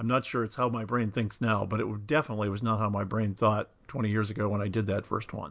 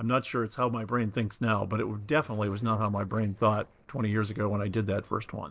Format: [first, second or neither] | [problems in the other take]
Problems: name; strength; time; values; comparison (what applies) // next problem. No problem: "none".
first | noise reduction (neural separator model SepFormer DNS4)